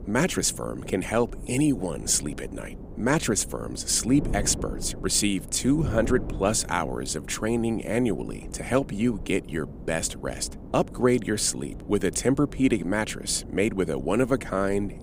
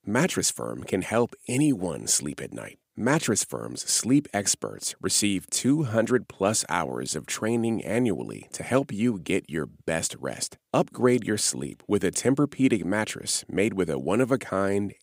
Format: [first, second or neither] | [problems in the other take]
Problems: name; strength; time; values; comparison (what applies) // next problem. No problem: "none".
second | wind noise on the microphone; occasional gusts; 20 dB below the speech